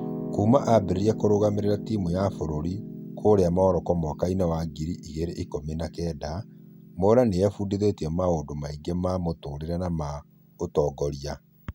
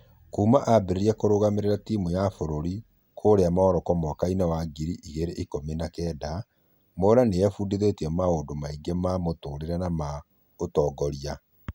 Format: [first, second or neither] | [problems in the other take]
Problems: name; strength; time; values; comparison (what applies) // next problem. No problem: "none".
second | background sound (Piano); 13 dB below the speech